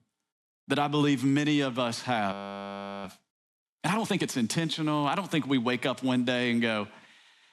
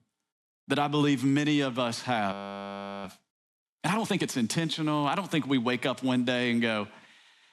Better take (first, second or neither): neither